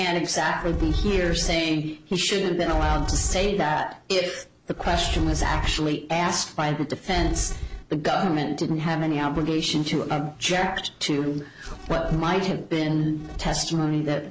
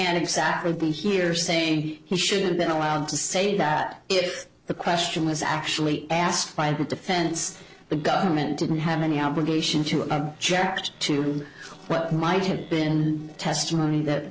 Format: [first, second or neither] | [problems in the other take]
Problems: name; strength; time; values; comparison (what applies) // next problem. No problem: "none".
first | noise reduction (neural separator model SepFormer DNS4)